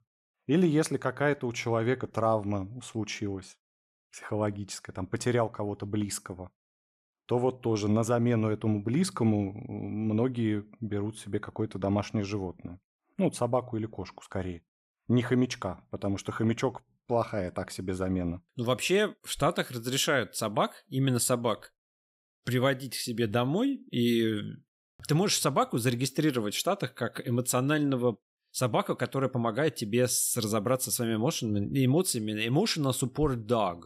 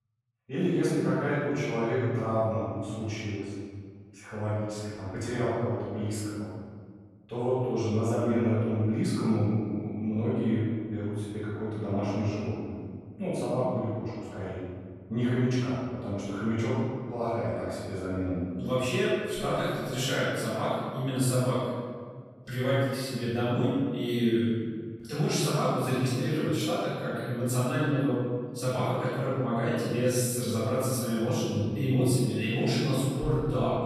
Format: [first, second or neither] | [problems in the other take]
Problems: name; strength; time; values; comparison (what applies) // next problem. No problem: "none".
first | off-mic speech; far // room echo; strong; dies away in 1.7 s